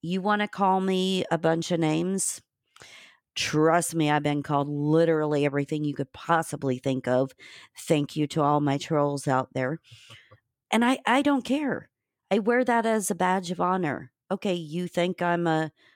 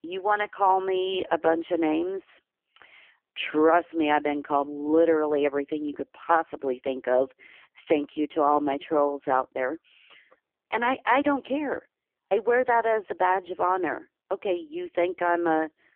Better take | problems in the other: first | phone-call audio; poor line; nothing above 3.5 kHz

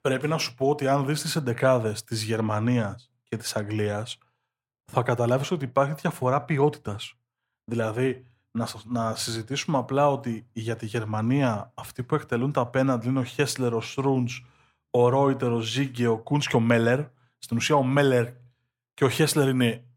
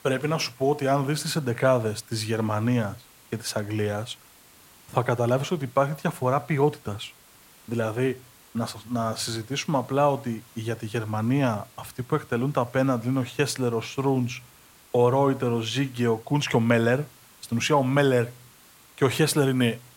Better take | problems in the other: first | hiss; faint; throughout; 25 dB below the speech

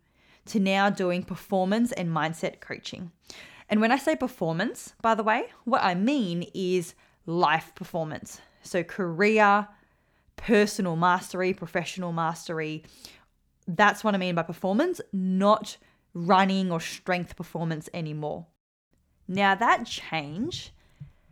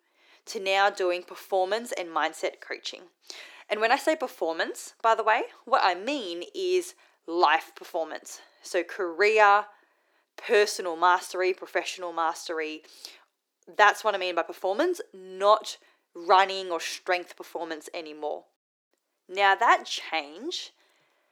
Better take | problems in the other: first | thin; very; fading below 350 Hz

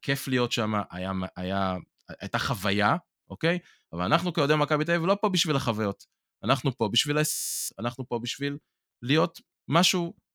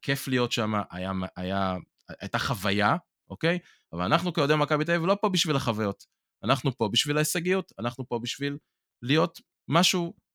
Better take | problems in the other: second | audio freezing; at 7.5 s

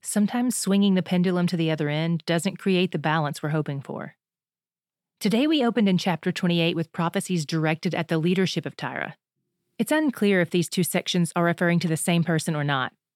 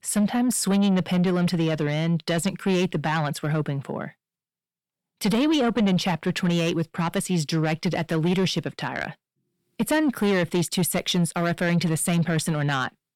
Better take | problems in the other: first | distortion; slight; 10 dB below the speech

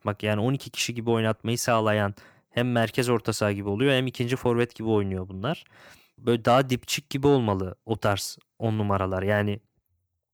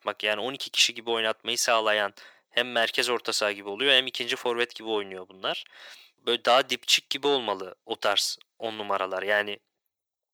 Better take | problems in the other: first | thin; very; fading below 500 Hz

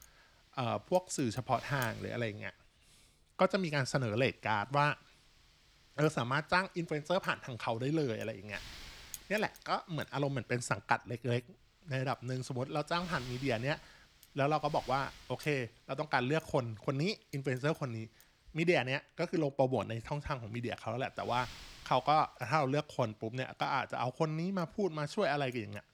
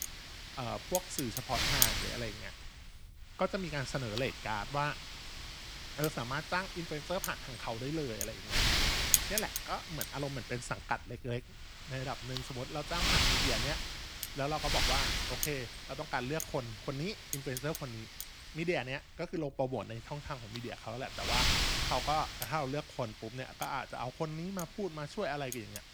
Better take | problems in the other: first | wind noise on the microphone; heavy; 3 dB above the speech; occasional gusts in the first

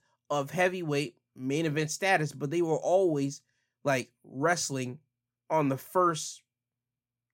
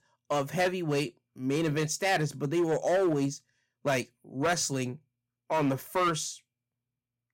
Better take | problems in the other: first | distortion; slight; 7% of the sound clipped

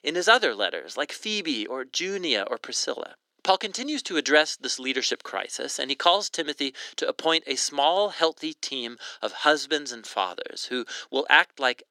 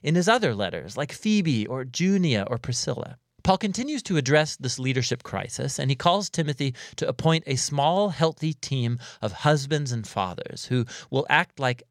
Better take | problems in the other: second | thin; somewhat; fading below 300 Hz

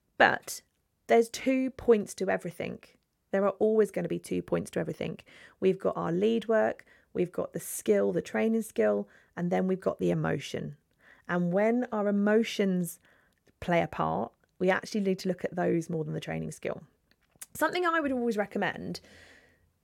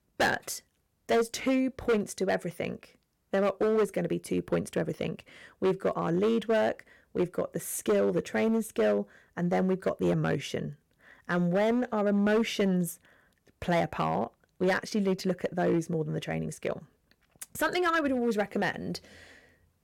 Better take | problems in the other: first | distortion; slight; 7% of the sound clipped

